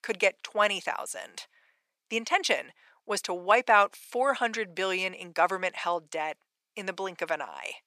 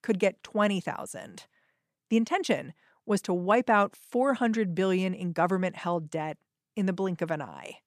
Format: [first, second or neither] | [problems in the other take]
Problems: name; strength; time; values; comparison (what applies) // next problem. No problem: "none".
second | thin; very; fading below 650 Hz